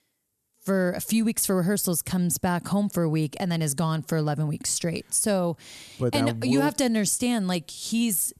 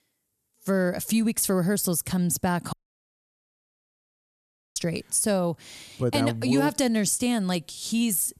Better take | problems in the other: first | audio cutting out; at 2.5 s for 2 s

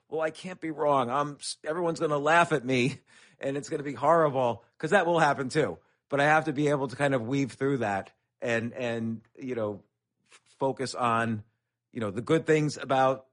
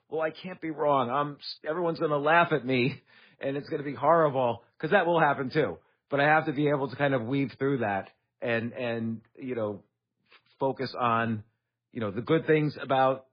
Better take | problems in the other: first | garbled, watery; badly; slightly in the first

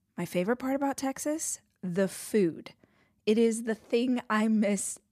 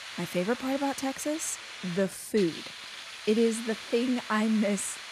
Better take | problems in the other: first | hiss; noticeable; throughout; 10 dB below the speech

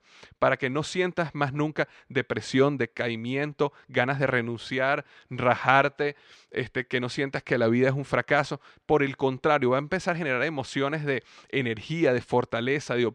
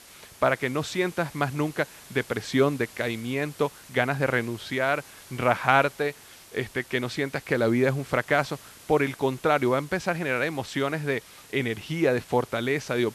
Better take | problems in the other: first | hiss; faint; throughout; 20 dB below the speech

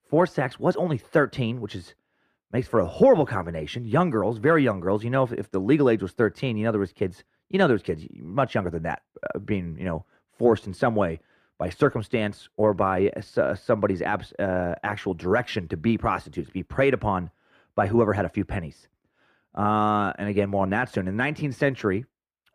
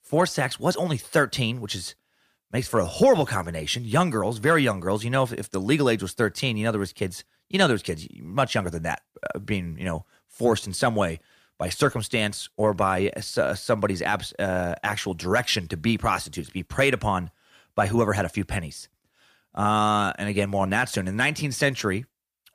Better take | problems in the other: second | muffled; very; fading above 3.5 kHz

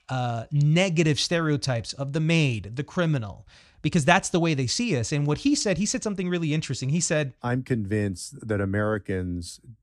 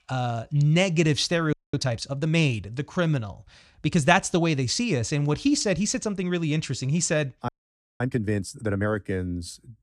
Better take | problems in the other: first | audio freezing; at 1.5 s and at 7.5 s for 0.5 s

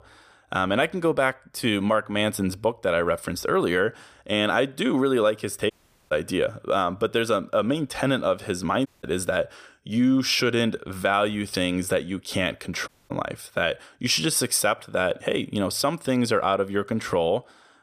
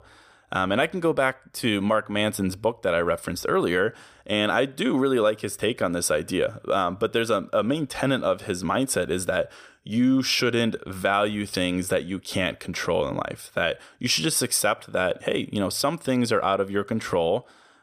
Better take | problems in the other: second | audio cutting out; at 5.5 s, at 9 s and at 13 s

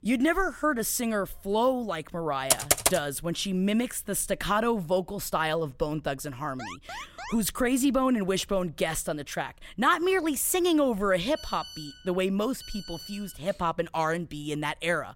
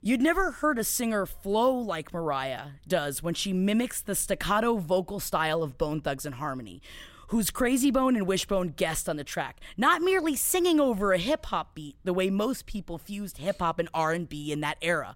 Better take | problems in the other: second | keyboard typing; loud; at 2.5 s; peak 5 dB above the speech // alarm; faint; at 6.5 s; peak 10 dB below the speech // phone ringing; faint; from 11 to 13 s; peak 10 dB below the speech

